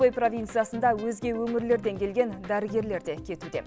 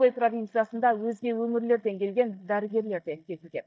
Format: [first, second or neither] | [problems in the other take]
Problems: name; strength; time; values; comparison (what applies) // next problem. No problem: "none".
first | noise reduction (neural mask model DeepFilterNet 3)